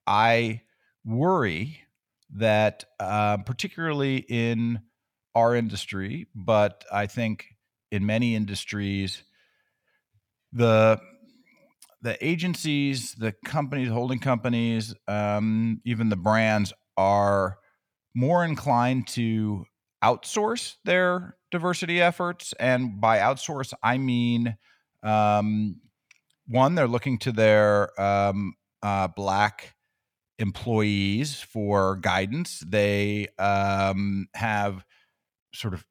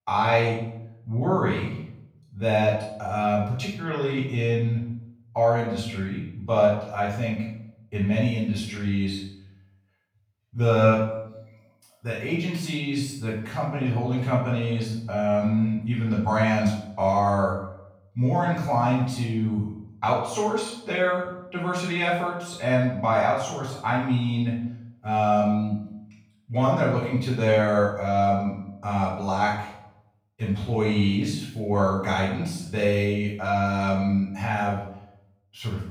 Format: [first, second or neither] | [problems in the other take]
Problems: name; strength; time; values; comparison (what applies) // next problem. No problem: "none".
first | off-mic speech; far // room echo; noticeable; dies away in 0.7 s